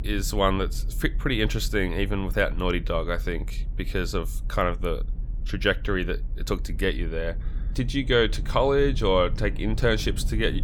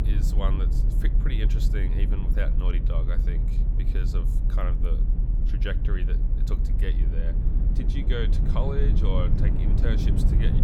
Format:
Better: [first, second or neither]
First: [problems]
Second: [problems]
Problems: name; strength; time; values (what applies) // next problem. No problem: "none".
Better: first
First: low rumble; faint; throughout; 25 dB below the speech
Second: low rumble; loud; throughout; 3 dB below the speech